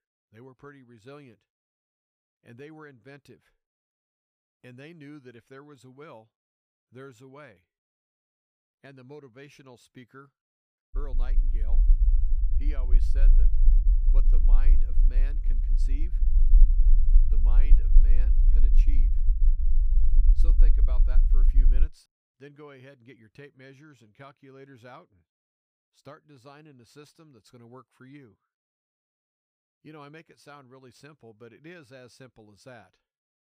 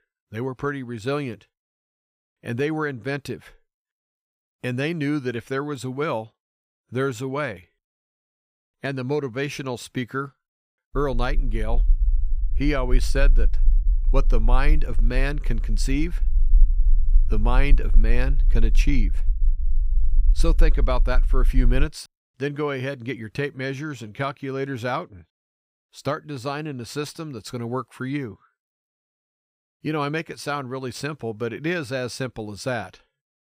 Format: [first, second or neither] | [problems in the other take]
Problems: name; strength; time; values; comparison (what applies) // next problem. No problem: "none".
second | low rumble; loud; from 11 to 22 s; 2 dB below the speech; faint in the second